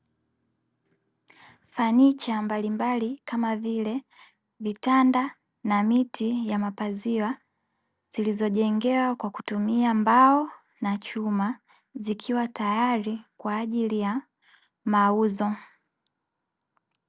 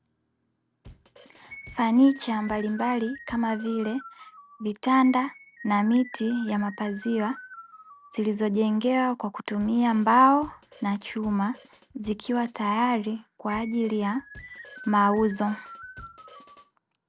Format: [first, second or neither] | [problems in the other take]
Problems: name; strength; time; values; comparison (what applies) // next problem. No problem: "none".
first | background sound (Drum kit + Keyboard (musical)); 19 dB below the speech